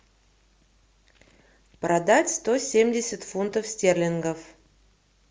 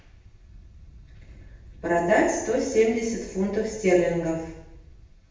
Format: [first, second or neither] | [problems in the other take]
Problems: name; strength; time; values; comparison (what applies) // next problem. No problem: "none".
first | background sound (Wind); 20 dB below the speech // room echo; dies away in 0.8 s